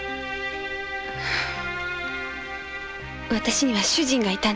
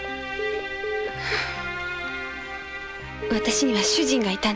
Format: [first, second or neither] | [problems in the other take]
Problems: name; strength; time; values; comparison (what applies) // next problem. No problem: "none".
first | background sound (Telephone); 6 dB below the speech